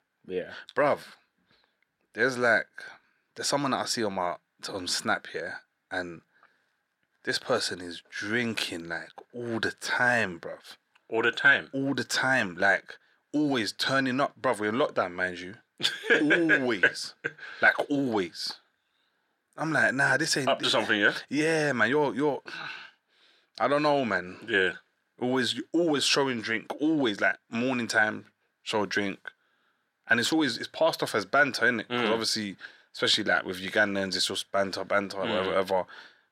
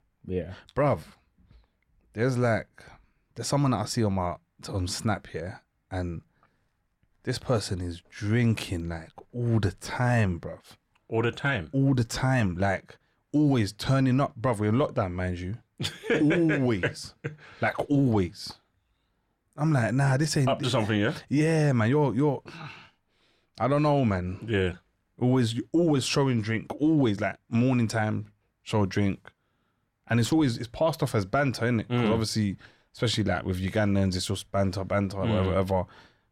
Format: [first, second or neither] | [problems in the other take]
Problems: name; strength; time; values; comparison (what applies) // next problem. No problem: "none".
second | thin; somewhat; fading below 300 Hz